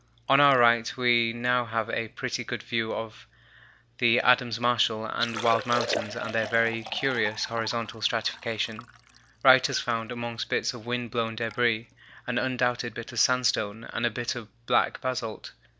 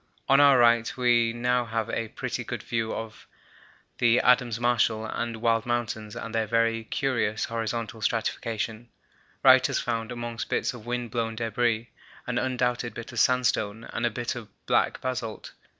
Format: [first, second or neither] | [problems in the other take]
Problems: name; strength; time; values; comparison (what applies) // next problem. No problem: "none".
second | background sound (Liquid); 14 dB below the speech